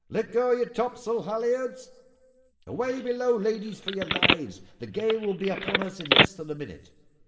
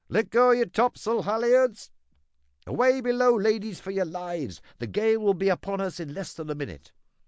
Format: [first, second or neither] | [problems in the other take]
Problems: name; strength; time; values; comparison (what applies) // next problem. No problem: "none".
second | background sound (Telephone); 2 dB above the speech // room echo; dies away in 1.6 s